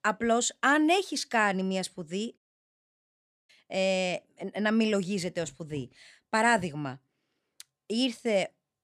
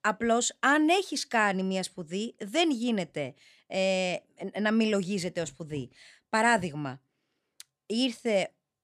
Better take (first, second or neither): second